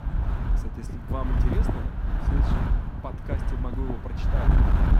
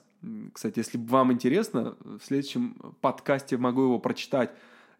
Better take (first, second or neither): second